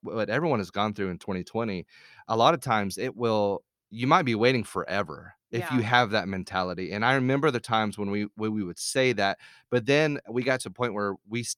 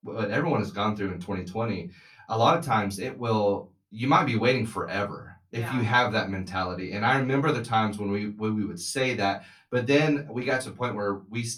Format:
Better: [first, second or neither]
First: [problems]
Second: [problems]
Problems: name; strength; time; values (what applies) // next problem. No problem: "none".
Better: first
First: none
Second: off-mic speech; far // room echo; very slight; dies away in 0.2 s